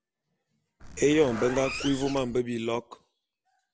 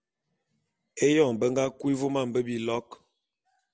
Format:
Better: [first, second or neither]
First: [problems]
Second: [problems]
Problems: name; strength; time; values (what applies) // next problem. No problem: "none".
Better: second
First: background sound (Zipper (clothing)); 10 dB below the speech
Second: none